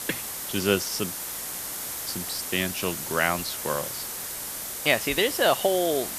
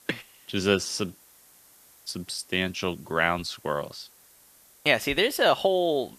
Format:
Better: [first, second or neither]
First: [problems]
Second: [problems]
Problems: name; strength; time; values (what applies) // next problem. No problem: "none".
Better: second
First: hiss; loud; throughout; 5 dB below the speech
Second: hiss; faint; throughout; 25 dB below the speech